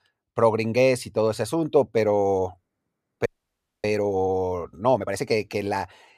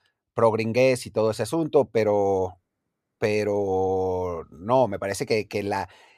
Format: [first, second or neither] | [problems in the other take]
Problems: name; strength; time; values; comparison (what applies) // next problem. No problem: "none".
second | audio freezing; at 3.5 s for 0.5 s